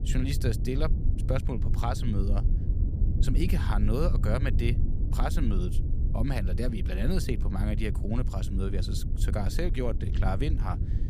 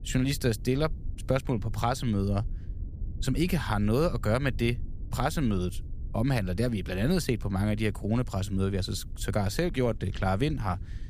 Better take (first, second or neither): second